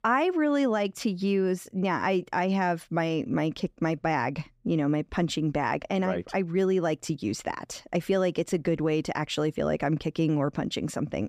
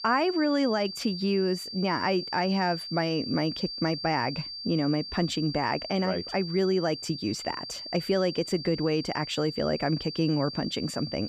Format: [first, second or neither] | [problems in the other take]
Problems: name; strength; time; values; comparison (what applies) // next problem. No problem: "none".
first | high-pitched whine; loud; throughout; 4.5 kHz, 8 dB below the speech